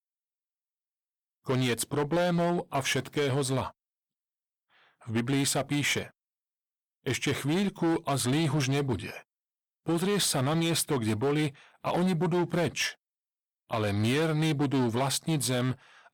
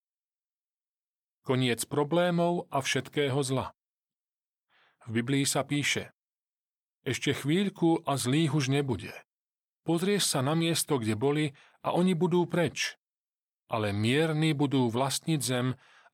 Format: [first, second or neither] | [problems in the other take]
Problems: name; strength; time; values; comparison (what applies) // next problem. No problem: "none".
second | distortion; slight; 12% of the sound clipped